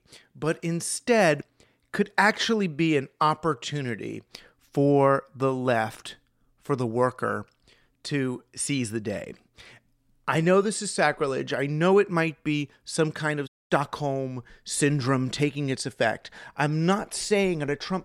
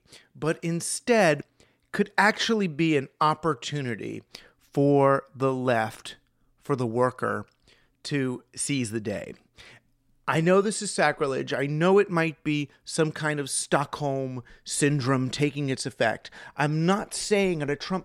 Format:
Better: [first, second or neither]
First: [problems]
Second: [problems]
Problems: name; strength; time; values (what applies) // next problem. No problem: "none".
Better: second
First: audio cutting out; at 13 s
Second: none